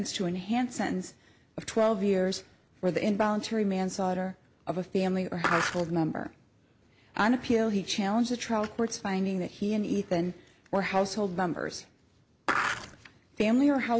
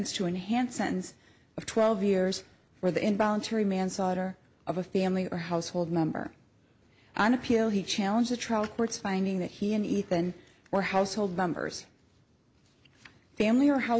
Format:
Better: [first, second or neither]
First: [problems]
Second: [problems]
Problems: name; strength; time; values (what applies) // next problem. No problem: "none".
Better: second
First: background sound (Skateboard); 1 dB below the speech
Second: none